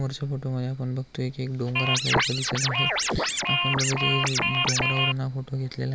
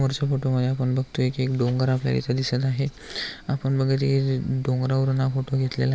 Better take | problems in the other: second | background sound (Scratching (performance technique)); 4 dB above the speech

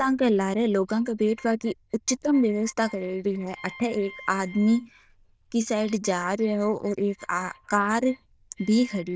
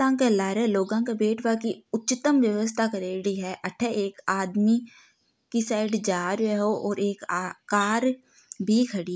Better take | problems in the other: second | noise reduction (neural diffusion model UNIVERSE++)

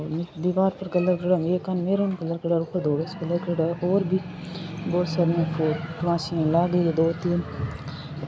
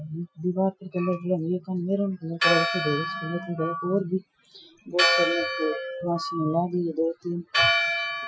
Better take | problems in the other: first | noise reduction (classical method Wiener filter)

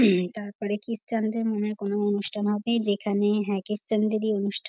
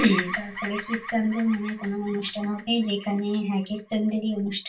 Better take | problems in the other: first | background sound (Bird vocalization, bird call, bird song); 11 dB below the speech // room echo; dies away in 0.2 s

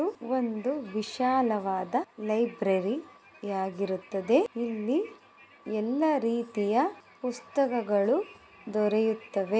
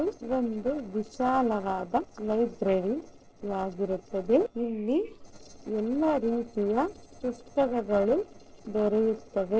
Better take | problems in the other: first | noise reduction (neural separator model SepFormer DNS4)

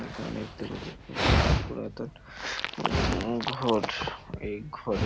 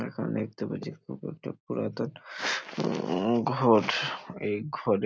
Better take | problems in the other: second | background sound (Dog); 3 dB above the speech

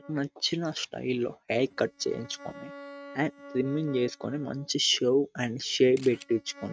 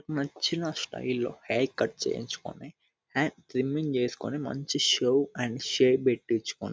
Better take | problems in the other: second | noise reduction (neural mask model RNNoise)

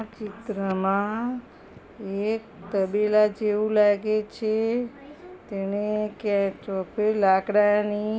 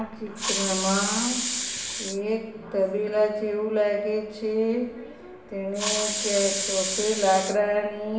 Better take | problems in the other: first | background sound (Hiss); 2 dB below the speech // room echo; dies away in 1 s

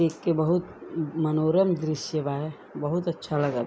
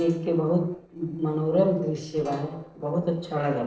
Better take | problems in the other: first | noise reduction (neural separator model SepFormer DNS4)

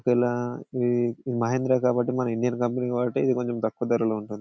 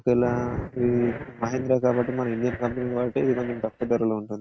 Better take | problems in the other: first | noise reduction (neural mask model RNNoise)

